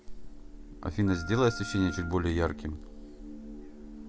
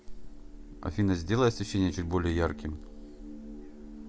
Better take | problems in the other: second | background sound (Wind instrument, woodwind instrument); 13 dB below the speech

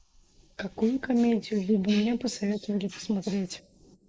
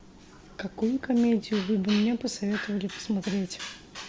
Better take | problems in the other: second | noise reduction (neural mask model Resemble Enhance denoiser)

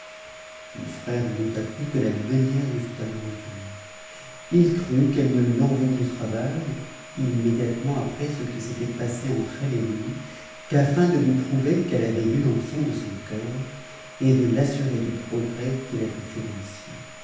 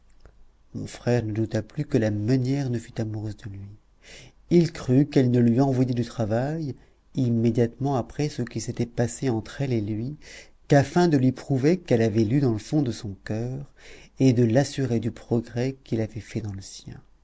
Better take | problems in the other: second | background sound (Domestic sounds, home sounds); 17 dB below the speech // room echo; dies away in 0.9 s

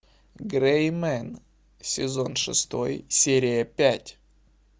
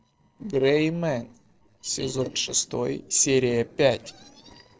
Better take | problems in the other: first | noise reduction (neural separator model SepFormer DNS4)

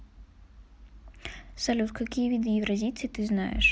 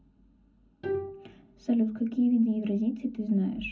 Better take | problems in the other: first | background sound (Bowed string instrument); 11 dB below the speech // room echo; dies away in 0.4 s

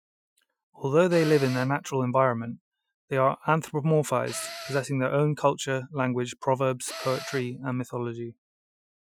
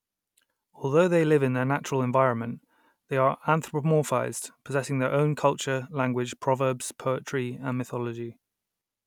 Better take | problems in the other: second | noise reduction (classical method Wiener filter)

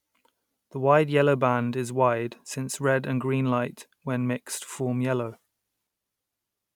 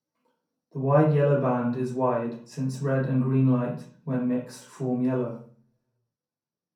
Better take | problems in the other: first | room echo; dies away in 0.5 s

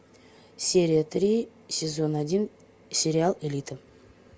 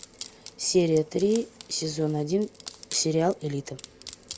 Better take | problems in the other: first | background sound (Wood); 18 dB below the speech

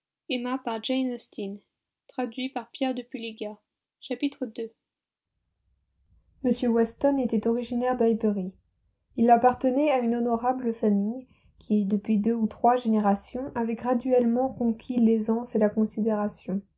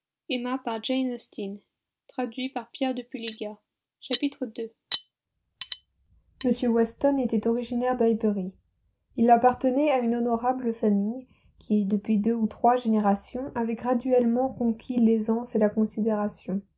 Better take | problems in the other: first | background sound (Cutlery, silverware); 17 dB below the speech

